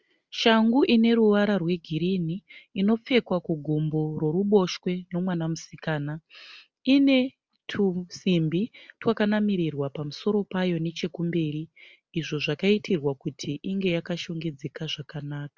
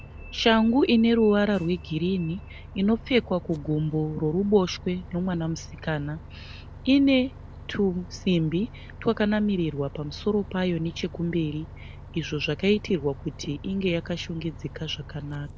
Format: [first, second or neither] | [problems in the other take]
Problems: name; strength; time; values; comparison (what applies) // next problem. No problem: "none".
first | background sound (Bus); 16 dB below the speech